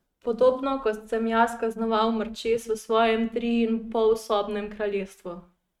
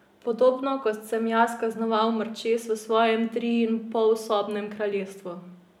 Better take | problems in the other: second | noise reduction (neural mask model RNNoise)

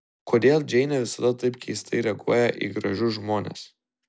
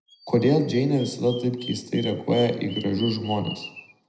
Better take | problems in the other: first | background sound (Bird vocalization, bird call, bird song); 16 dB below the speech // room echo; dies away in 0.8 s

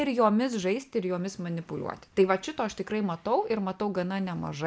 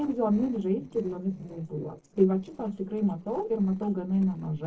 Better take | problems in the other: first | noise reduction (neural separator model SepFormer DNS4)

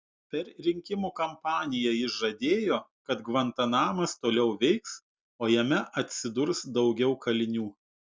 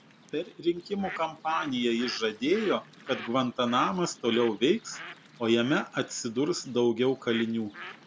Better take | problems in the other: first | background sound (Bird); 17 dB below the speech

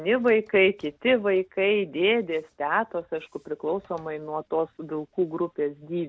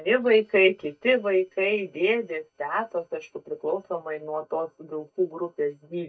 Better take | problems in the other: first | noise reduction (neural mask model DeepFilterNet 3)

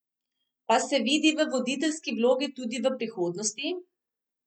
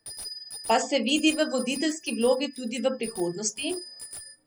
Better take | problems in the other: first | background sound (Bicycle bell); 14 dB below the speech

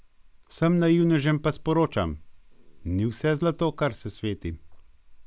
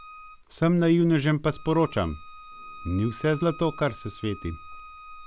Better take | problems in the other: first | background sound (Bowed string instrument); 20 dB below the speech

